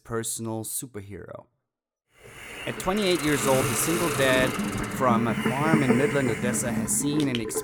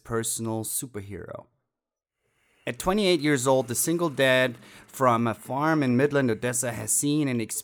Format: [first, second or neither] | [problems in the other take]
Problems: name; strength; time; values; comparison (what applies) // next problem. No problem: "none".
second | hiss; loud; from 2.5 s on; 2 dB below the speech; faint in the second